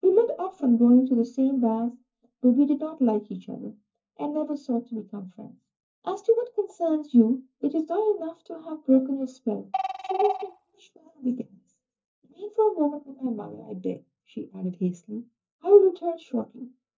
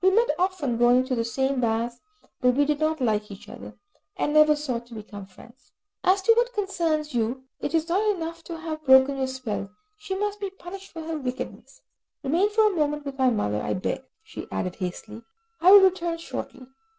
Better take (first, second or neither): second